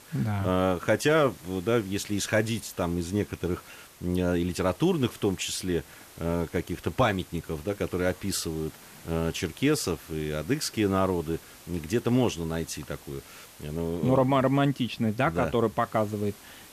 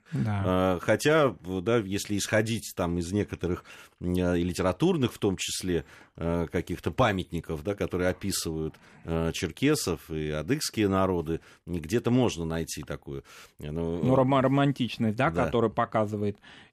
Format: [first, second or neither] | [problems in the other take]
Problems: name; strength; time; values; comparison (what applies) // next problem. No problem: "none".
second | hiss; faint; throughout; 20 dB below the speech